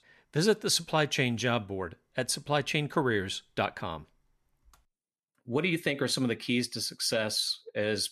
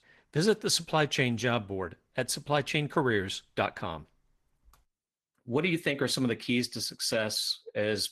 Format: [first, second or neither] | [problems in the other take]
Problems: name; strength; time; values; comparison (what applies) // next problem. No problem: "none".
first | garbled, watery; slightly; nothing above 13.5 kHz